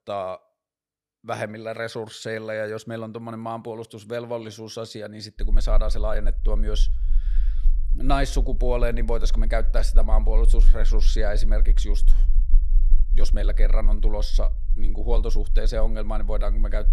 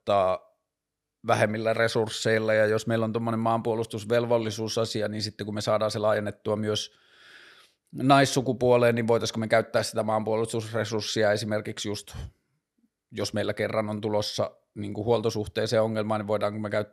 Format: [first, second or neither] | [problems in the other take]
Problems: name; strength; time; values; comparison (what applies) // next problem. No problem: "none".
second | low rumble; faint; from 5.5 s on; 20 dB below the speech